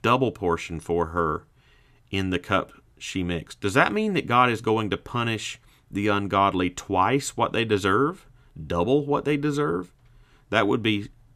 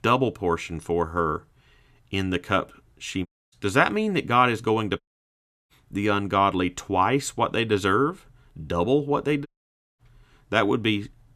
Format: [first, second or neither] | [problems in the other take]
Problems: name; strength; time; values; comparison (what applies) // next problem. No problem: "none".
first | audio cutting out; at 3.5 s, at 5 s for 0.5 s and at 9.5 s for 0.5 s